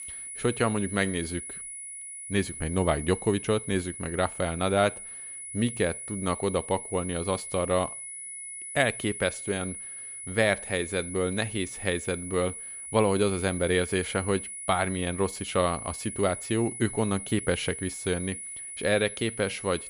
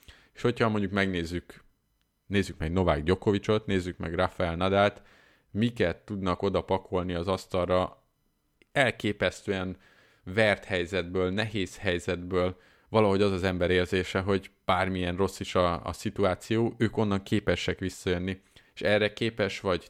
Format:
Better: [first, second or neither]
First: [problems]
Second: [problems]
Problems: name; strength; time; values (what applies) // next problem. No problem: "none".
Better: second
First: high-pitched whine; loud; throughout; 10 kHz, 8 dB below the speech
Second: none